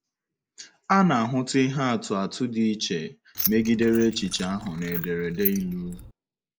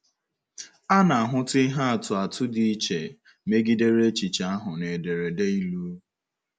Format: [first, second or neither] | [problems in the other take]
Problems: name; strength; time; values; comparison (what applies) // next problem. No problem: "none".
second | noise reduction (neural mask model Resemble Enhance denoiser)